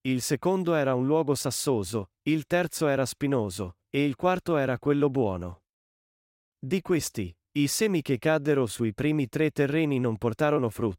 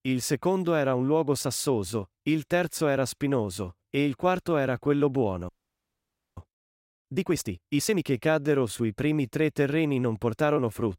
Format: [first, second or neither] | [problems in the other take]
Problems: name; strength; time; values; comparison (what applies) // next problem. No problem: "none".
first | audio freezing; at 5.5 s for 1 s